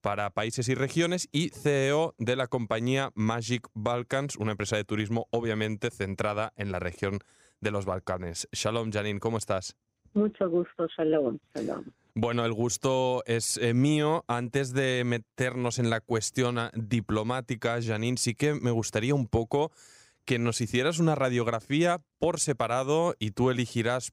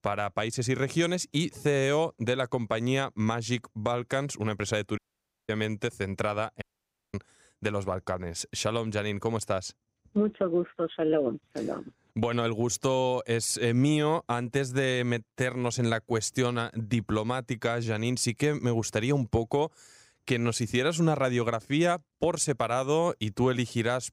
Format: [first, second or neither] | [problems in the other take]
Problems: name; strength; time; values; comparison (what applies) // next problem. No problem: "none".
first | audio cutting out; at 5 s for 0.5 s and at 6.5 s for 0.5 s